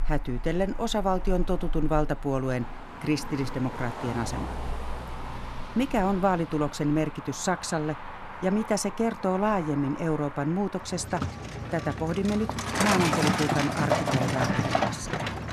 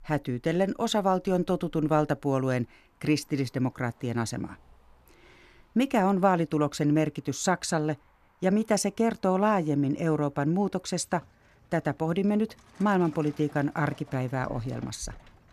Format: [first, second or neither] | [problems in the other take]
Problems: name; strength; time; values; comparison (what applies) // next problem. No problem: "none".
second | traffic noise; loud; throughout; 4 dB below the speech; faint in the second